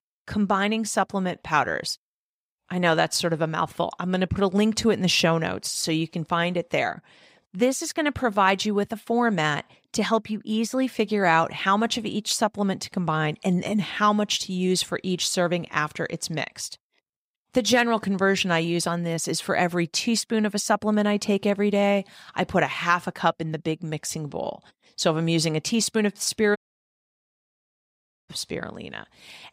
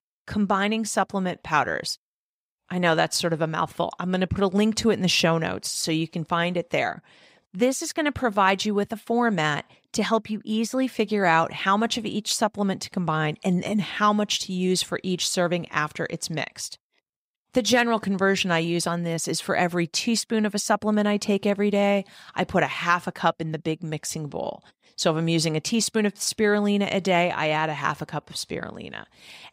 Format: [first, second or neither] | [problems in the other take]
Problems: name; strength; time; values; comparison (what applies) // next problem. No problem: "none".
second | audio cutting out; at 27 s for 1.5 s